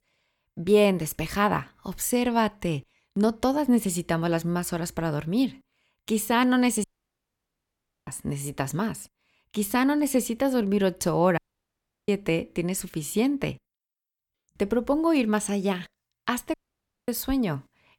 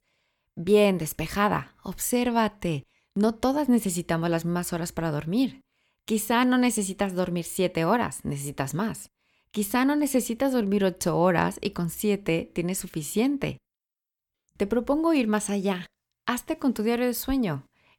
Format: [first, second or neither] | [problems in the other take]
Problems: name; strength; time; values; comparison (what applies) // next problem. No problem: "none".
second | audio cutting out; at 7 s for 1 s, at 11 s for 0.5 s and at 17 s for 0.5 s